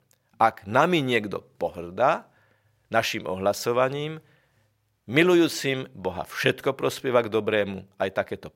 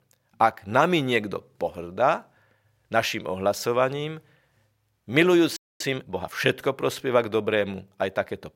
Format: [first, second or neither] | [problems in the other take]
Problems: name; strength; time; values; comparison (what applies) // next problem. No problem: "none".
first | audio freezing; at 5.5 s